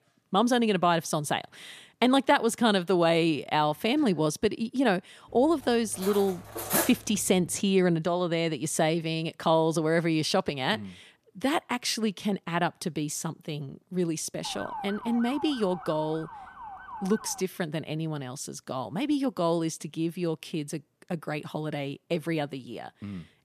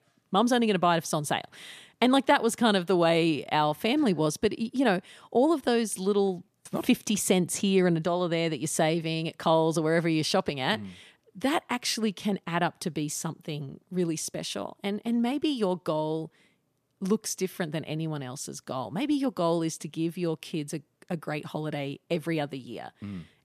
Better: second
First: clattering dishes; loud; at 6 s; peak 1 dB above the speech // siren; faint; from 14 to 17 s; peak 10 dB below the speech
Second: none

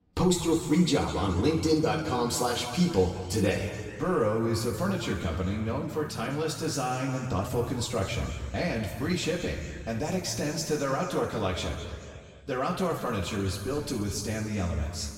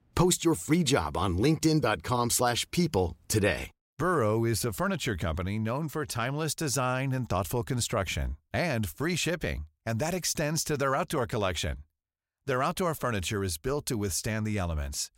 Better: second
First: room echo; noticeable; dies away in 2 s // off-mic speech; far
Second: none

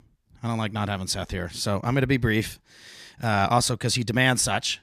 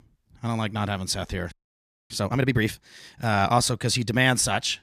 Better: first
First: none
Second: audio freezing; at 1.5 s for 0.5 s

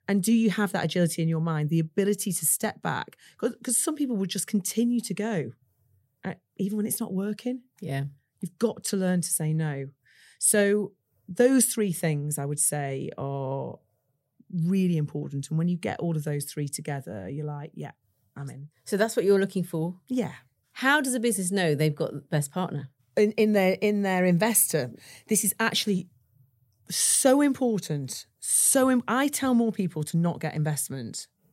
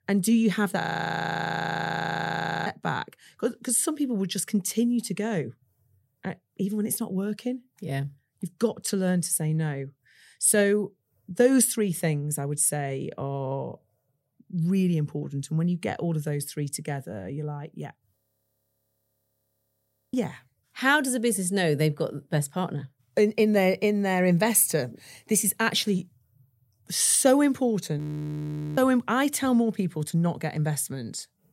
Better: first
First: none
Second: audio freezing; at 1 s for 2 s, at 18 s for 2 s and at 28 s for 1 s

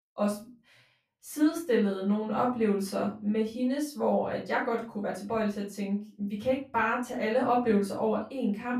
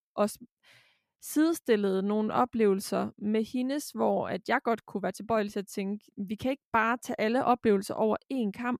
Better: second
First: off-mic speech; far // room echo; slight; dies away in 0.3 s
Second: none

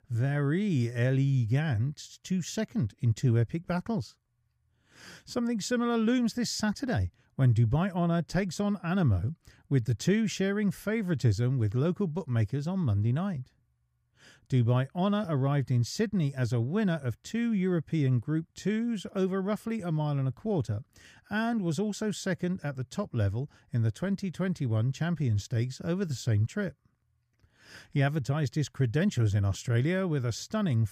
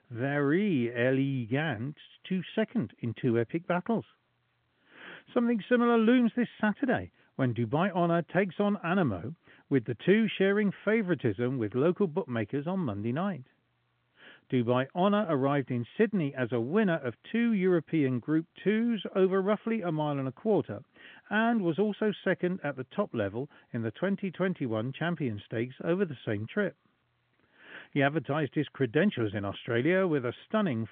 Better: first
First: none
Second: phone-call audio; nothing above 3.5 kHz

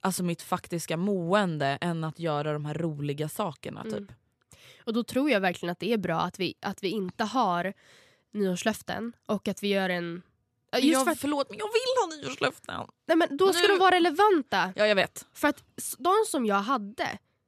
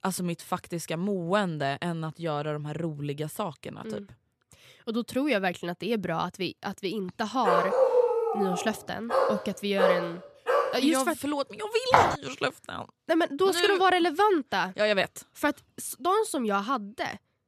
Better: first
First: none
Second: dog barking; loud; from 7.5 to 11 s; peak 6 dB above the speech // footsteps; loud; at 12 s; peak 6 dB above the speech

